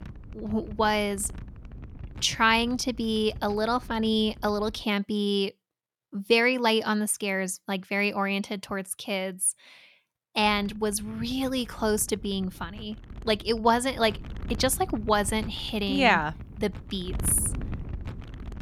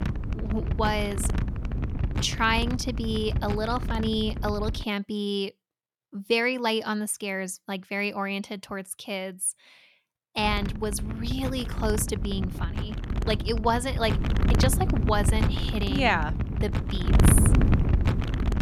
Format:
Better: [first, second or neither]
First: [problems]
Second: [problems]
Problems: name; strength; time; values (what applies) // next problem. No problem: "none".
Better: first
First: wind noise on the microphone; occasional gusts; until 5 s and from 10 s on; 25 dB below the speech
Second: wind noise on the microphone; heavy; until 5 s and from 10 s on; 8 dB below the speech